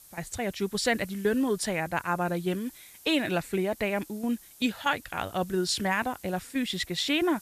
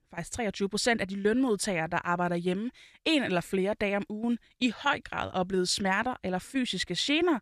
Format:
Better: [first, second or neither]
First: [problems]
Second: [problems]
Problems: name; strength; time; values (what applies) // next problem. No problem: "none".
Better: second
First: hiss; faint; throughout; 20 dB below the speech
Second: none